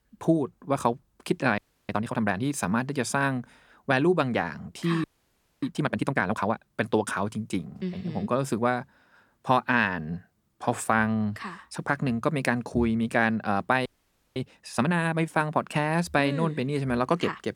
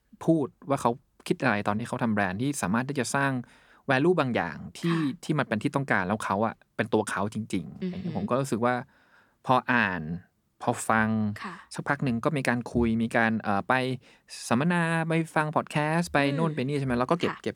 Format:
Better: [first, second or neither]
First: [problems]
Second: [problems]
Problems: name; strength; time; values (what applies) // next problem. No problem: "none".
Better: second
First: audio freezing; at 1.5 s, at 5 s for 0.5 s and at 14 s for 0.5 s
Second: none